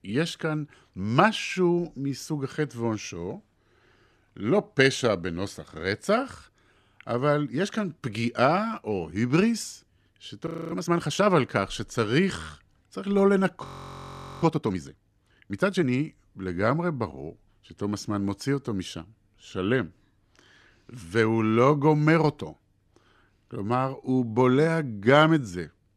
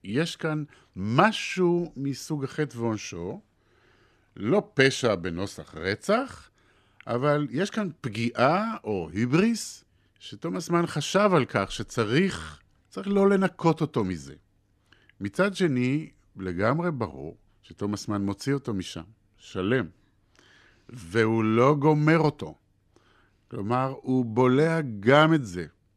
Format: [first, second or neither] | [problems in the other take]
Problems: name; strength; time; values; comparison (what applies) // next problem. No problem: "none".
second | audio freezing; at 10 s and at 14 s for 1 s